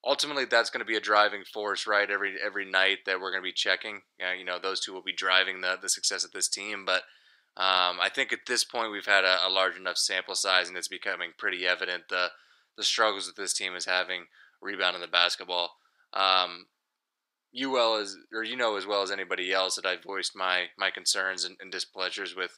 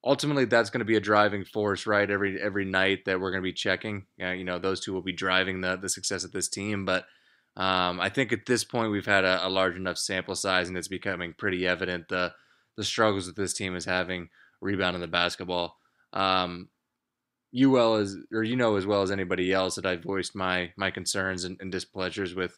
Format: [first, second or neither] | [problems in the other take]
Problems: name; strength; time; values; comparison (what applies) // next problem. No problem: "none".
second | thin; very; fading below 600 Hz